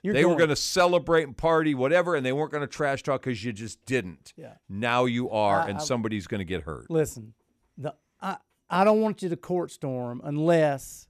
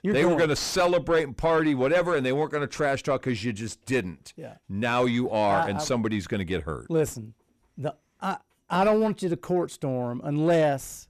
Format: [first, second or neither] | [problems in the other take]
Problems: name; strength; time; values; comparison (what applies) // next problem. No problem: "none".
first | distortion; slight; 10 dB below the speech